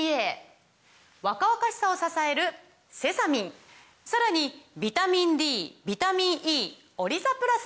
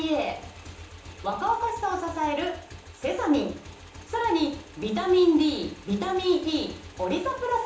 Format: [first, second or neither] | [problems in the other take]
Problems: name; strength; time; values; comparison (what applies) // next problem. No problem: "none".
first | background sound (Motorcycle / Engine); 17 dB below the speech // room echo; dies away in 1.2 s